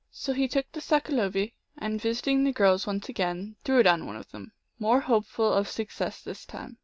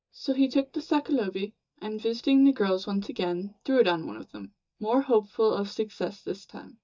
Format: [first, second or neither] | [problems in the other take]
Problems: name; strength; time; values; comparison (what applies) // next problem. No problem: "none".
first | noise reduction (neural mask model DeepFilterNet 3)